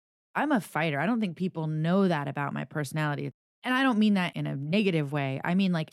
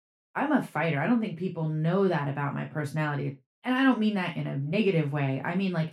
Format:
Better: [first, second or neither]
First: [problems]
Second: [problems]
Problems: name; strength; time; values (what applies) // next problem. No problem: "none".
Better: first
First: none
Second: room echo; very slight; dies away in 0.2 s // off-mic speech; somewhat distant